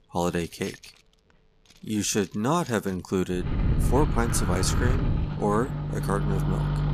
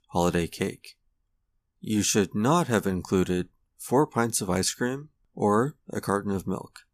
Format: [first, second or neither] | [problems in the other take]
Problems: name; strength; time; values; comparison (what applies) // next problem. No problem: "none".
second | household noises; very loud; throughout; as loud as the speech